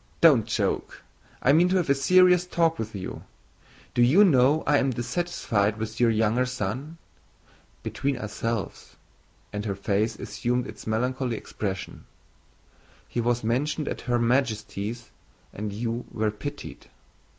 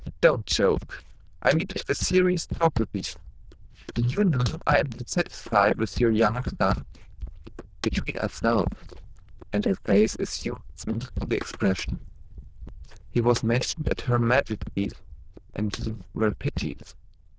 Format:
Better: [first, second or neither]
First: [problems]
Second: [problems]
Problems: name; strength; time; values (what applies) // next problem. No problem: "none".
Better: first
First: none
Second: noise reduction (neural diffusion model UNIVERSE++)